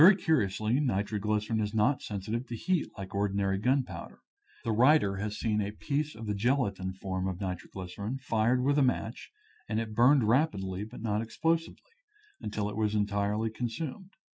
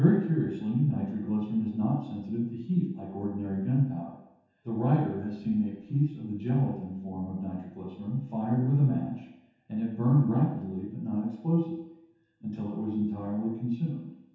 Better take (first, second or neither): first